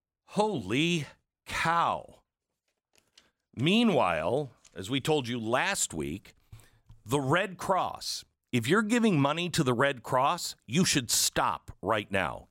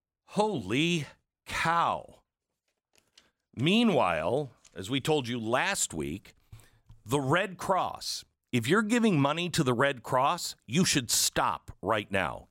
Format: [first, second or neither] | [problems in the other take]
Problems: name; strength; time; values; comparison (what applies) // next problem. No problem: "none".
neither | none